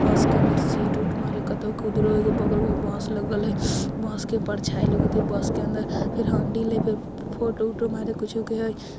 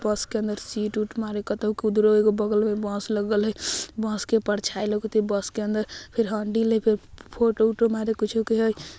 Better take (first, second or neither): second